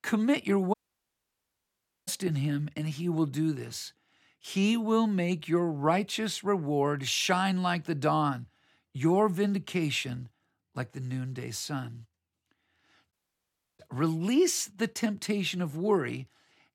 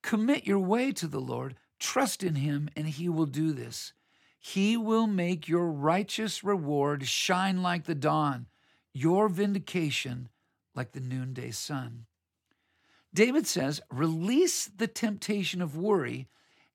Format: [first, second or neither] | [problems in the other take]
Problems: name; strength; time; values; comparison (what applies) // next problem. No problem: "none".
second | audio cutting out; at 0.5 s for 1.5 s and at 13 s for 0.5 s